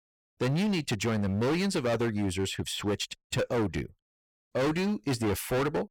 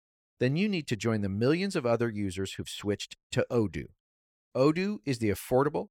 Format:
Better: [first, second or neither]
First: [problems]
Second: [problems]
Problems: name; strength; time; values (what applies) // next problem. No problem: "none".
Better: second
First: distortion; heavy; 21% of the sound clipped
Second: none